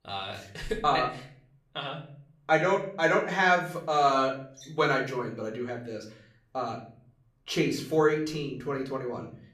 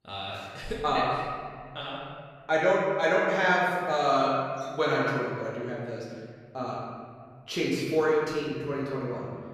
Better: first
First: room echo; slight; dies away in 0.5 s // off-mic speech; somewhat distant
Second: room echo; strong; dies away in 1.9 s // off-mic speech; far

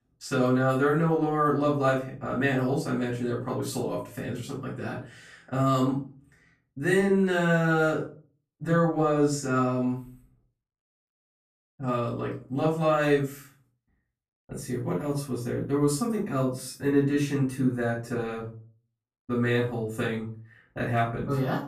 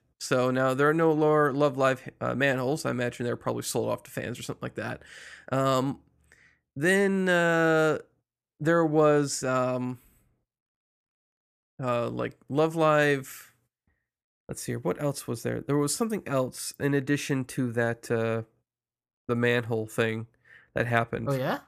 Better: second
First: off-mic speech; far // room echo; slight; dies away in 0.3 s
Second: none

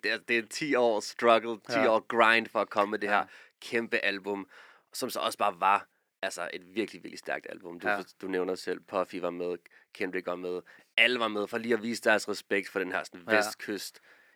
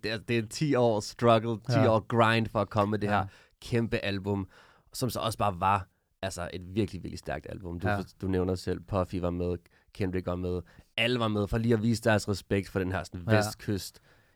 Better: second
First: thin; somewhat; fading below 300 Hz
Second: none

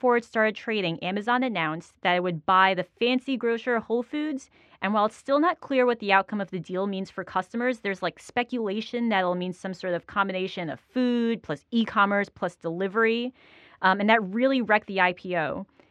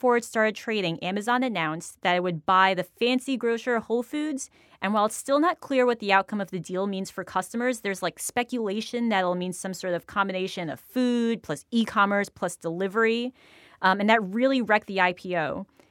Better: second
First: muffled; very slightly; fading above 3 kHz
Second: none

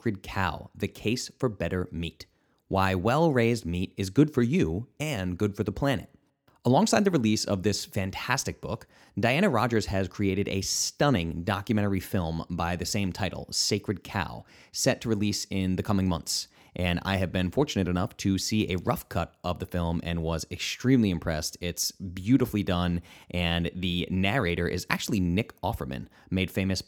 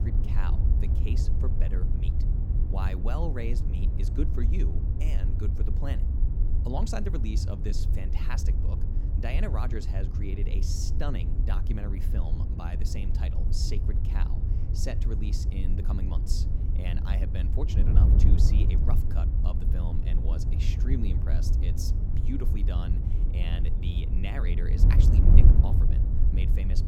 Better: first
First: none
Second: wind noise on the microphone; heavy; 2 dB below the speech

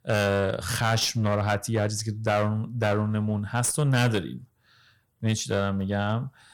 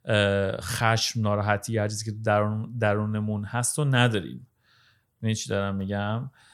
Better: second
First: distortion; slight; 9% of the sound clipped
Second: none

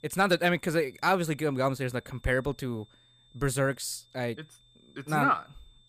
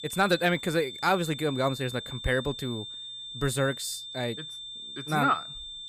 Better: first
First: high-pitched whine; faint; throughout; 3.5 kHz, 30 dB below the speech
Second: high-pitched whine; loud; throughout; 3.5 kHz, 9 dB below the speech

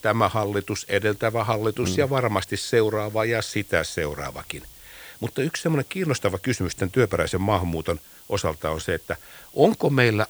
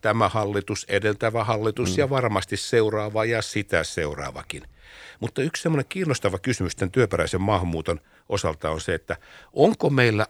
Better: second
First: hiss; faint; throughout; 20 dB below the speech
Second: none

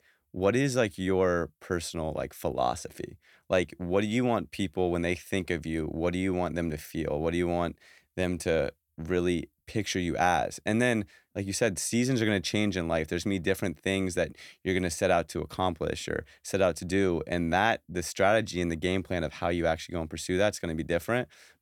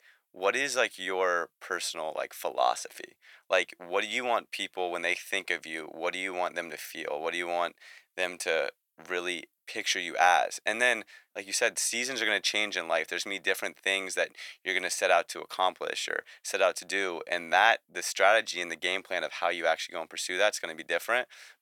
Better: first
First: none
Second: thin; very; fading below 750 Hz

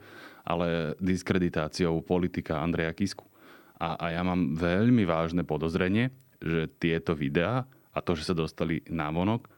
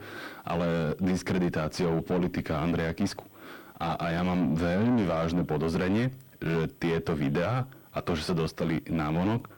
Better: first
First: none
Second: distortion; heavy; 6 dB below the speech

